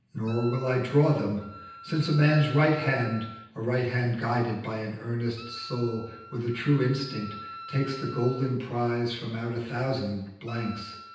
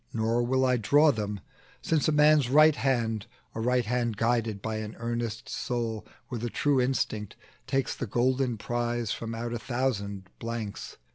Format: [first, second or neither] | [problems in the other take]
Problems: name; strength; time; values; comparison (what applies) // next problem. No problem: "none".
second | background sound (Wind instrument, woodwind instrument); 18 dB below the speech // room echo; dies away in 0.9 s